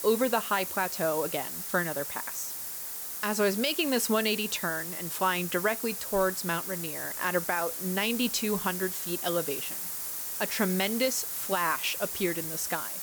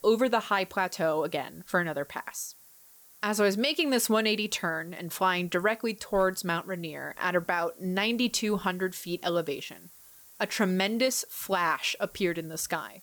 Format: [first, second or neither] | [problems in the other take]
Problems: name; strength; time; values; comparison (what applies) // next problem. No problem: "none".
second | hiss; loud; throughout; 3 dB below the speech; faint in the second